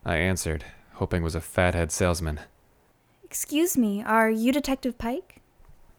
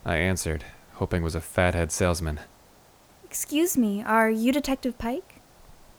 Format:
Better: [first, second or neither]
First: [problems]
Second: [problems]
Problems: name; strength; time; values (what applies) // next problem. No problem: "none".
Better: first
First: none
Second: hiss; faint; throughout; 30 dB below the speech